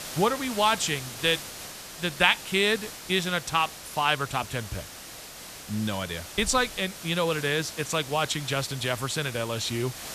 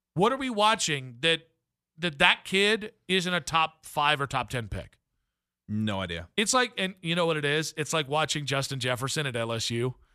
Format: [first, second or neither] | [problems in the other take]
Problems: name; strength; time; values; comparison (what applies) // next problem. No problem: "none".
second | hiss; noticeable; throughout; 10 dB below the speech